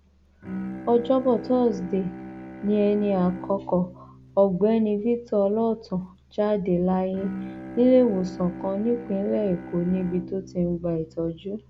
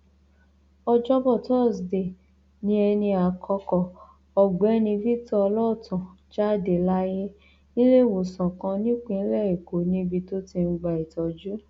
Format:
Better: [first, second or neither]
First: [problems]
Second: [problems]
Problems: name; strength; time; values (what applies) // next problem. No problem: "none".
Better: second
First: background sound (Bowed string instrument); 14 dB below the speech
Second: none